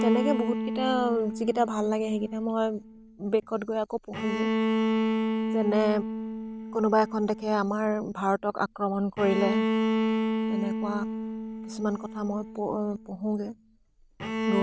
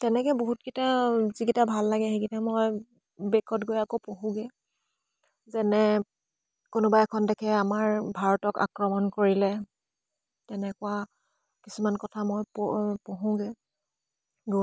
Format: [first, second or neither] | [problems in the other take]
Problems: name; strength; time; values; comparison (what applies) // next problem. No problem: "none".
second | background sound (Bowed string instrument); 2 dB below the speech